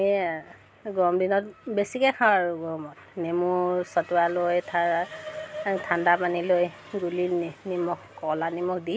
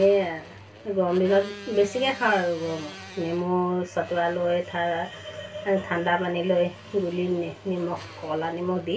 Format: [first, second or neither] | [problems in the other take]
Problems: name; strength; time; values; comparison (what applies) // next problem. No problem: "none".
first | background sound (Motorcycle); 19 dB below the speech // room echo; dies away in 0.2 s